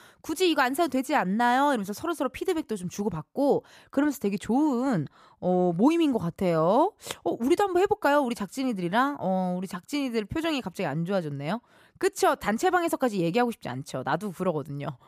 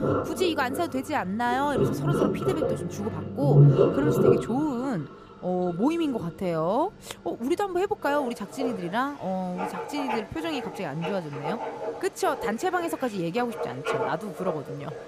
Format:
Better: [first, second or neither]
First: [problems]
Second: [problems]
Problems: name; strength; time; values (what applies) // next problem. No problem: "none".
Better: first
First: none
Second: household noises; very loud; throughout; 2 dB above the speech